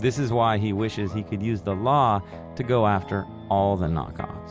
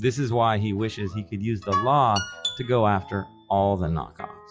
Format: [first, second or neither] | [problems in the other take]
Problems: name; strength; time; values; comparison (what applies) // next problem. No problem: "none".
first | noise reduction (classical method log-MMSE)